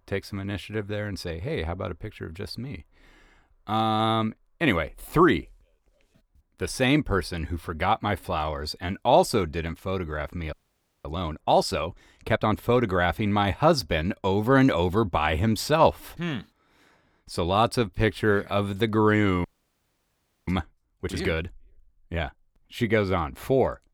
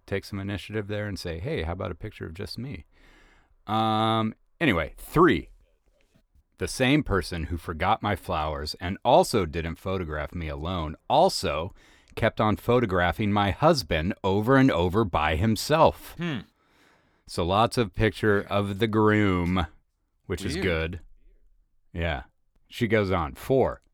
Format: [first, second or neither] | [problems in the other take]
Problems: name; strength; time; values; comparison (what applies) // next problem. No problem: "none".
second | audio freezing; at 11 s for 0.5 s and at 19 s for 1 s